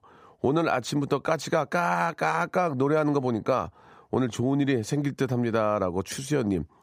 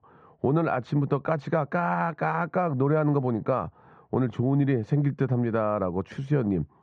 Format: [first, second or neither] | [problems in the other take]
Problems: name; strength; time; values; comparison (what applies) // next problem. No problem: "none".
first | muffled; very; fading above 2 kHz